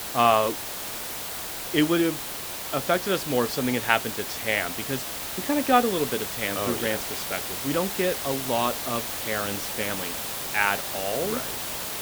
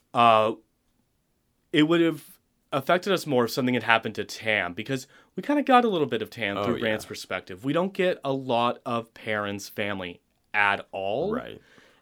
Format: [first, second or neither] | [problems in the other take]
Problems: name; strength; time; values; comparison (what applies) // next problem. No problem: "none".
second | hiss; loud; throughout; 3 dB below the speech